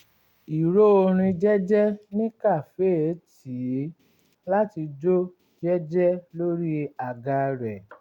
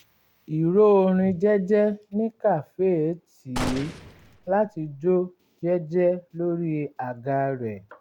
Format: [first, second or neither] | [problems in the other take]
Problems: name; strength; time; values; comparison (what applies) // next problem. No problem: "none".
first | background sound (Gunshot, gunfire); 10 dB below the speech